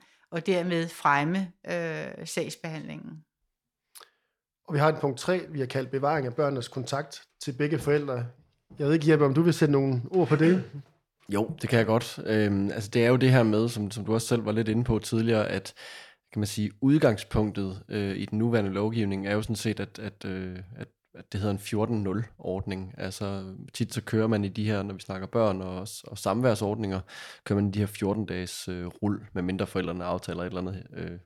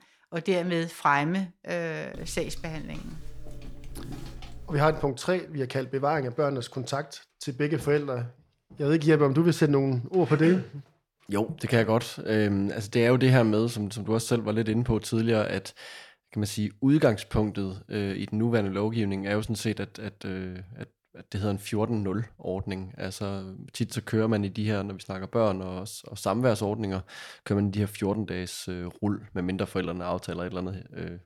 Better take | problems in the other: first | footsteps; faint; from 2 to 5 s; peak 15 dB below the speech

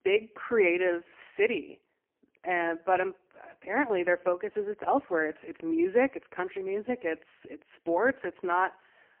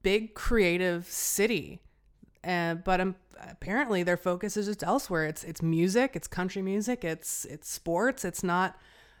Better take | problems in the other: second | phone-call audio; poor line; nothing above 3 kHz

